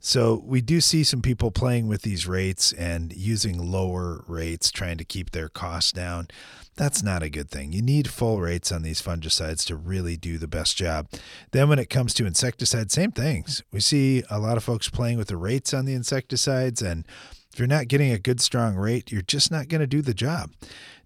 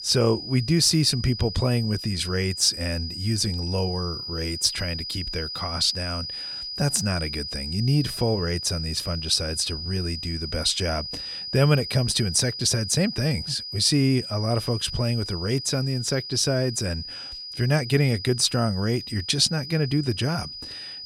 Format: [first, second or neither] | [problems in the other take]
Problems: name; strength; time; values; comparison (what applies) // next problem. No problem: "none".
first | high-pitched whine; loud; throughout; 5 kHz, 8 dB below the speech